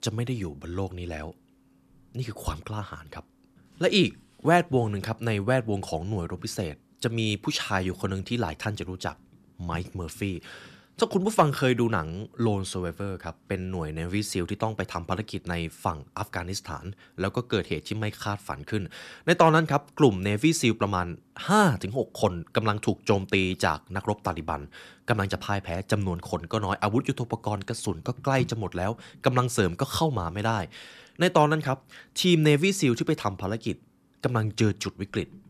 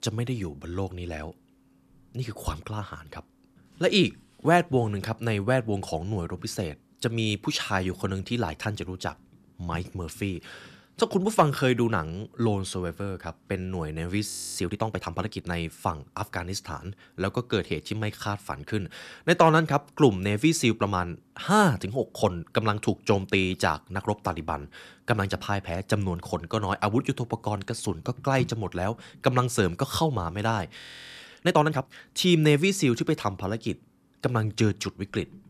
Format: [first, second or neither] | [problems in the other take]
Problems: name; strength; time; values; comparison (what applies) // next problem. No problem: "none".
first | audio freezing; at 14 s and at 31 s